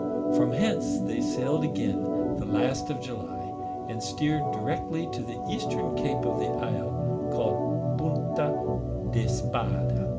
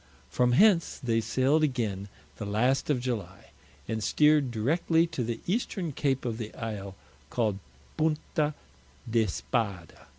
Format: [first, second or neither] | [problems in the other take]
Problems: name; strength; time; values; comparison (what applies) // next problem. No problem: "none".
second | background sound (Organ); 5 dB above the speech // room echo; dies away in 0.4 s